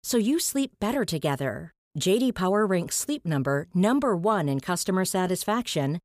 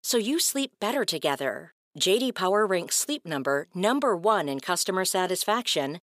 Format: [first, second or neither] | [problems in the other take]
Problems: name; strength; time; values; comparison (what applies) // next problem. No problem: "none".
first | thin; somewhat; fading below 350 Hz